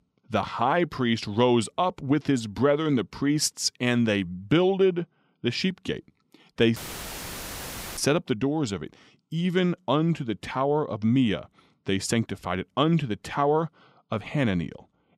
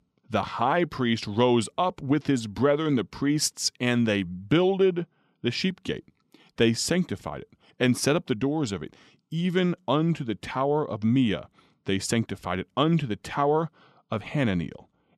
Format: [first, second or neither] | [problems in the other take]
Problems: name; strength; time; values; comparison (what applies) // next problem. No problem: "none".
second | audio cutting out; filled with static; at 7 s for 1 s